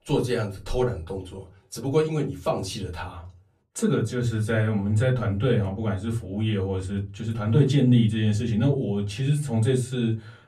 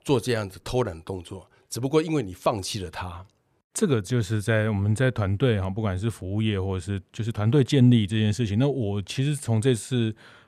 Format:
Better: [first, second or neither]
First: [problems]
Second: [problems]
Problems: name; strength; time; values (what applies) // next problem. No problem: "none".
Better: second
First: off-mic speech; far // room echo; very slight; dies away in 0.3 s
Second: none